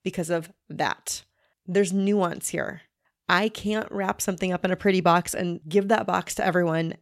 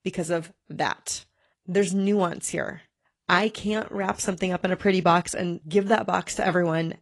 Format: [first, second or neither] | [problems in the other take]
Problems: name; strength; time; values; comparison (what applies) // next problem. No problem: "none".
first | garbled, watery; slightly; nothing above 11 kHz